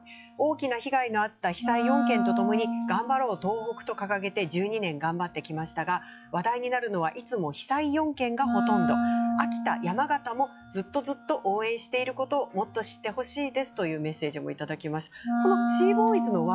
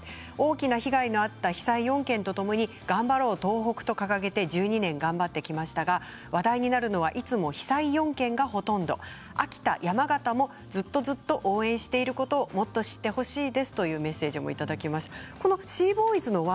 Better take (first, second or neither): second